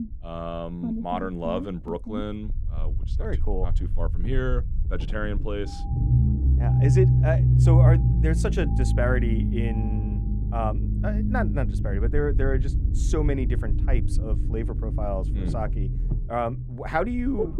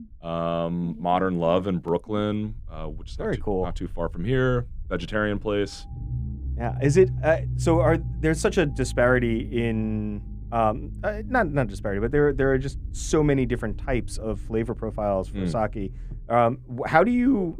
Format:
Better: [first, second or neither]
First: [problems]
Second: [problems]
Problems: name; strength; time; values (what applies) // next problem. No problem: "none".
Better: second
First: low rumble; loud; throughout; 6 dB below the speech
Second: low rumble; faint; throughout; 25 dB below the speech